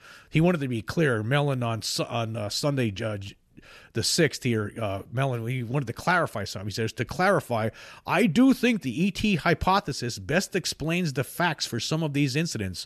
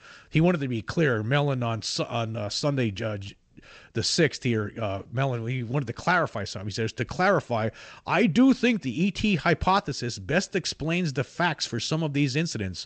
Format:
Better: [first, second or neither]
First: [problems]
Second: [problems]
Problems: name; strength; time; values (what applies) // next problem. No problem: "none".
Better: first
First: none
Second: garbled, watery; slightly; nothing above 8 kHz